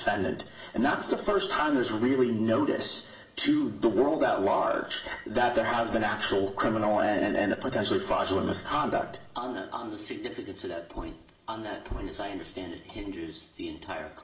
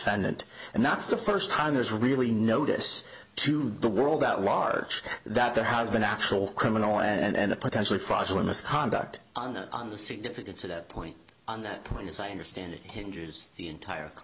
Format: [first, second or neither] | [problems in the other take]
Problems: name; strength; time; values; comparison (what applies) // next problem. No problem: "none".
second | room echo; dies away in 1.5 s